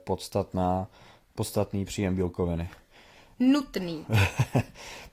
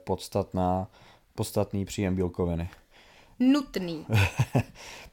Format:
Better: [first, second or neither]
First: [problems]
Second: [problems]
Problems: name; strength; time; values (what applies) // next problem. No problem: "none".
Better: second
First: garbled, watery; slightly; nothing above 15 kHz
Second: none